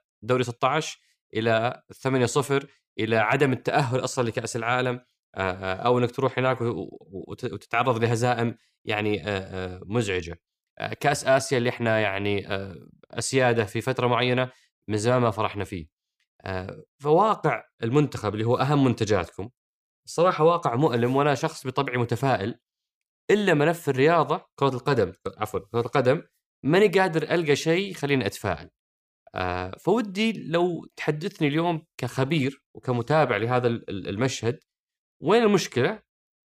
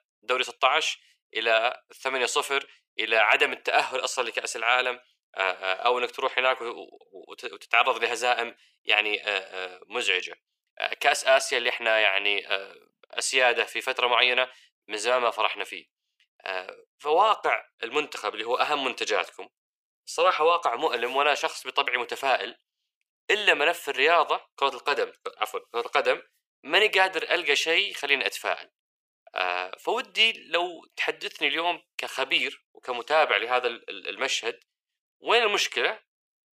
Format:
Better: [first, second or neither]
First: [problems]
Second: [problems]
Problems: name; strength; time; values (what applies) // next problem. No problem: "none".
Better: first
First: none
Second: thin; very; fading below 550 Hz